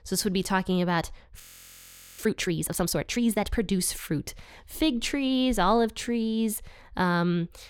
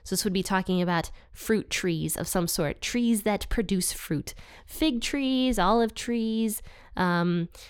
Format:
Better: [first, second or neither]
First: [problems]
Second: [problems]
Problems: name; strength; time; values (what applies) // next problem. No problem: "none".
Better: second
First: audio freezing; at 1.5 s for 1 s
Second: none